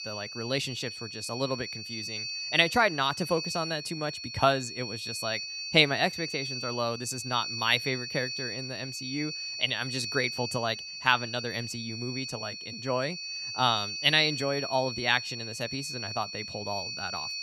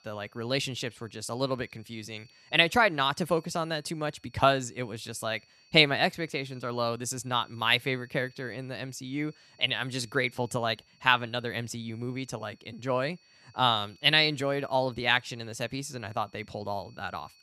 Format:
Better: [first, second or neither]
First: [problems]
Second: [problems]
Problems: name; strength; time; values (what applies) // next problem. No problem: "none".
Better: second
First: high-pitched whine; loud; throughout; 4.5 kHz, 6 dB below the speech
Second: high-pitched whine; faint; throughout; 4.5 kHz, 30 dB below the speech